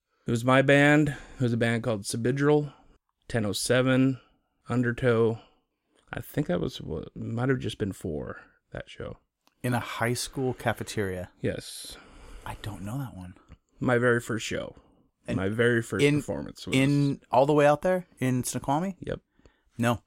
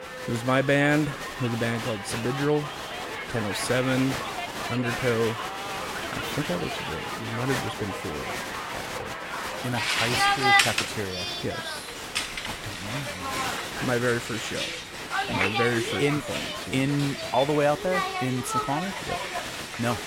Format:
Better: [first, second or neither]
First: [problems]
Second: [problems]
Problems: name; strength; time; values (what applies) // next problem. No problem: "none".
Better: first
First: none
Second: crowd noise; loud; throughout; 1 dB below the speech